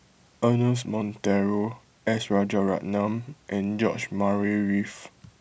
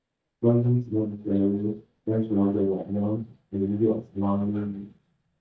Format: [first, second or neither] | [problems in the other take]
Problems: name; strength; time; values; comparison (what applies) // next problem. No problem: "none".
first | noise reduction (neural mask model DeepFilterNet 3)